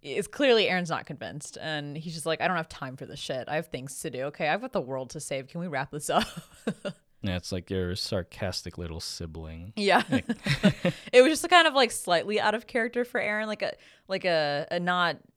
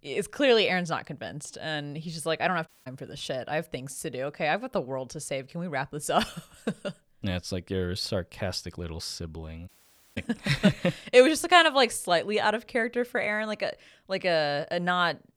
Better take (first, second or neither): first